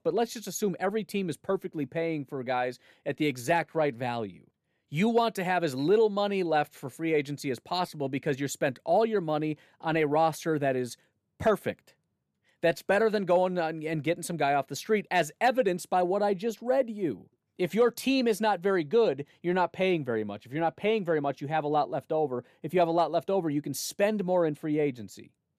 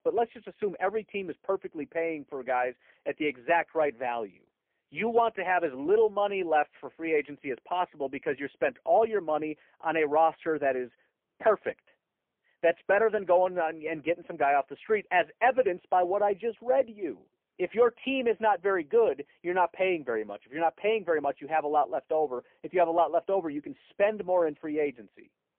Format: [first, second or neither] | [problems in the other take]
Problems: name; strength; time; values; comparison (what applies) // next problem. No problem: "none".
first | phone-call audio; poor line